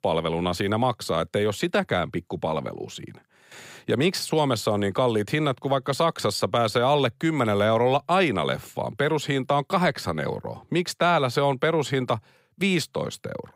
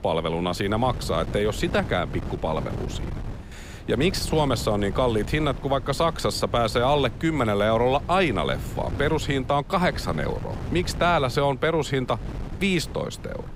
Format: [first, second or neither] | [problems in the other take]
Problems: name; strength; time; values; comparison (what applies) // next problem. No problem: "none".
first | wind noise on the microphone; occasional gusts; 15 dB below the speech